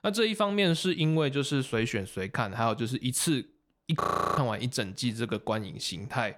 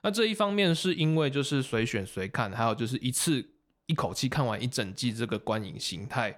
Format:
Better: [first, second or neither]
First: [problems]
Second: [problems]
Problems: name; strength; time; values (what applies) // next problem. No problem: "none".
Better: second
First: audio freezing; at 4 s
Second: none